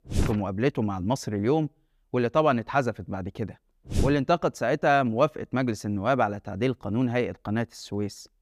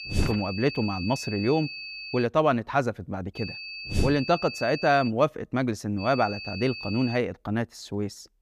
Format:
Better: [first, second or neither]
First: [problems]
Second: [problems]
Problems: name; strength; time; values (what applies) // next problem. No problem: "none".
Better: first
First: none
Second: high-pitched whine; loud; until 2 s, from 3.5 to 5 s and from 6 to 7 s; 2.5 kHz, 9 dB below the speech